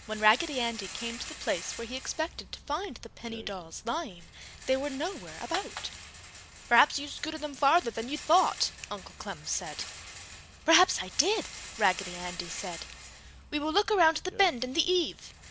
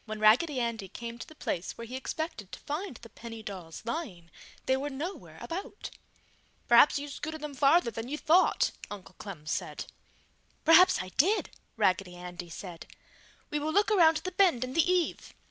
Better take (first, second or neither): second